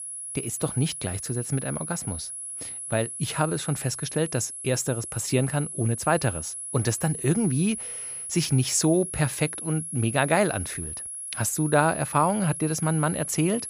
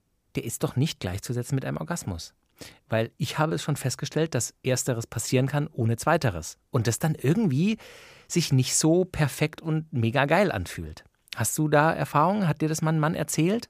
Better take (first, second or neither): second